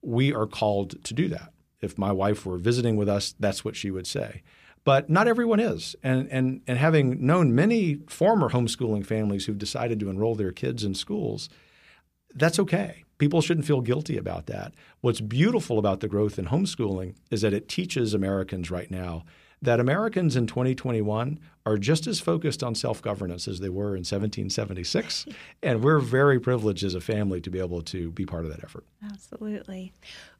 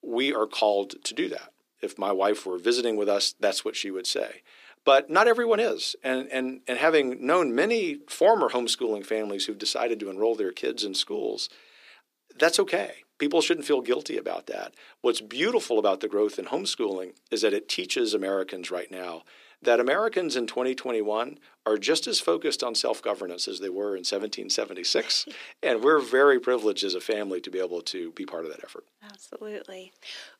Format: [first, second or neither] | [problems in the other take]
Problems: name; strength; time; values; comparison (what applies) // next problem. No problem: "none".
first | thin; somewhat; fading below 300 Hz